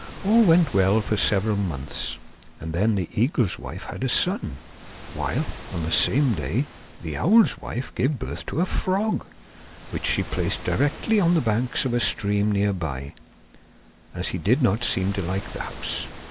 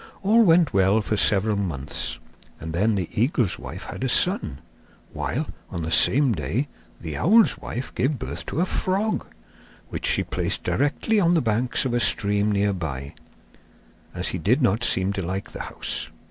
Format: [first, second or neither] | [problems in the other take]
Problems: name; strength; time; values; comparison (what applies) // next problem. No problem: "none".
second | background sound (Waves, surf); 16 dB below the speech